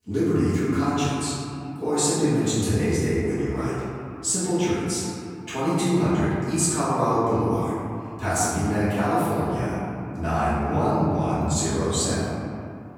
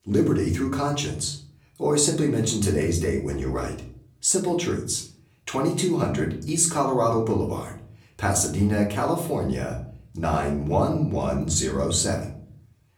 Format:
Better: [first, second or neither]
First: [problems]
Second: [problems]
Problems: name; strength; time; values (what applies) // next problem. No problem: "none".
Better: second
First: room echo; strong; dies away in 2.5 s // off-mic speech; far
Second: room echo; slight; dies away in 0.5 s // off-mic speech; far